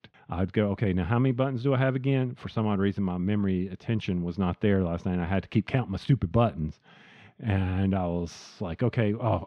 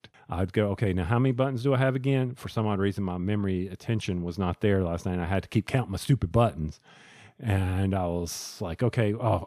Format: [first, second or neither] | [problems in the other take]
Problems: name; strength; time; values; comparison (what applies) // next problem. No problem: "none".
second | muffled; very slightly; fading above 3 kHz